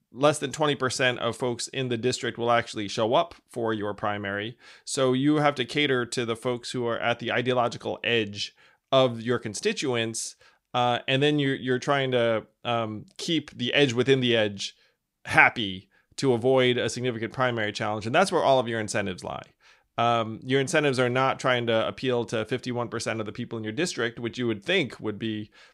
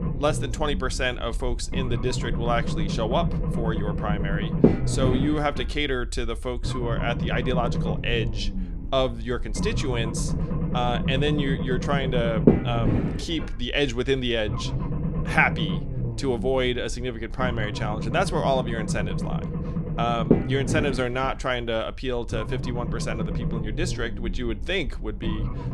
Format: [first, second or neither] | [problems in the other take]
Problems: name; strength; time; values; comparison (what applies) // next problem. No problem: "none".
first | low rumble; loud; throughout; 6 dB below the speech